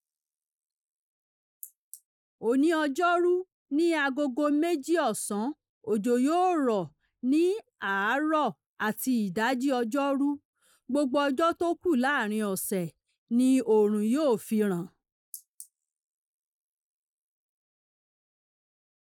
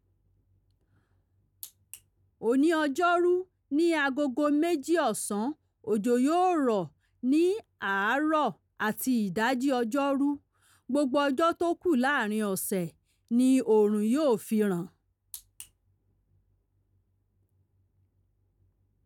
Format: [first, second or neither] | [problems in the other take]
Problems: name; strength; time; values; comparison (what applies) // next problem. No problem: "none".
second | noise reduction (neural mask model Resemble Enhance denoiser)